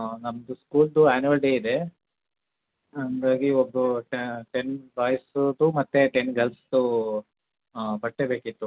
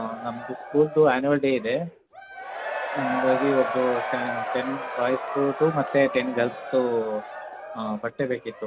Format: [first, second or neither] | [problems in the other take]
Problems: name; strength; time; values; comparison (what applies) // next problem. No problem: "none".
first | background sound (Crowd / Cheering); 7 dB below the speech